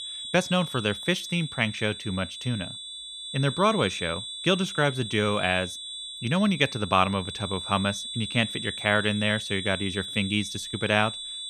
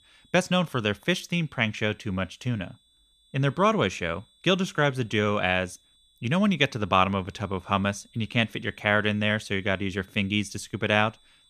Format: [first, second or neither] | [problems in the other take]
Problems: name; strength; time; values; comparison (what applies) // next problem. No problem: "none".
second | high-pitched whine; loud; throughout; 3.5 kHz, 8 dB below the speech; faint in the second